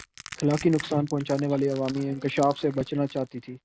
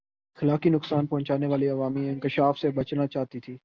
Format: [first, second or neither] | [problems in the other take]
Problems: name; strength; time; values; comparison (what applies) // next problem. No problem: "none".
second | background sound (Crushing); 19 dB below the speech